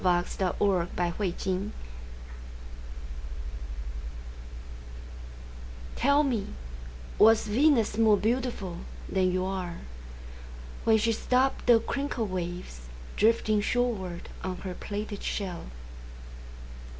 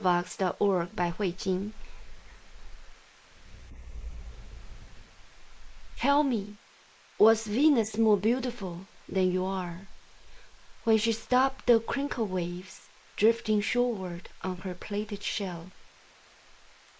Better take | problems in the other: first | noise reduction (neural mask model Resemble Enhance denoiser)

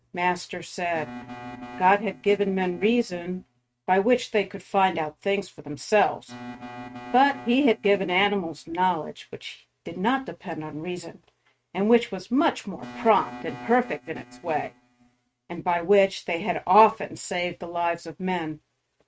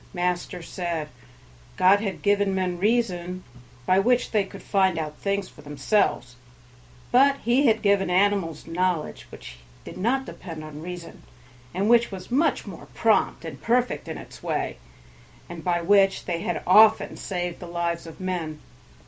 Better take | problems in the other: second | noise reduction (neural mask model RNNoise)

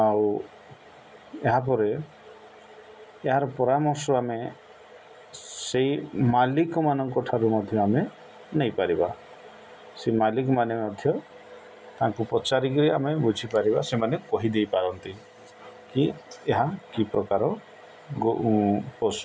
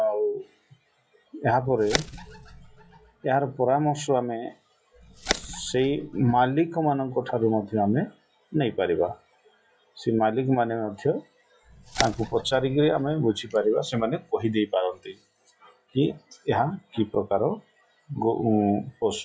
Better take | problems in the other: first | noise reduction (classical method log-MMSE)

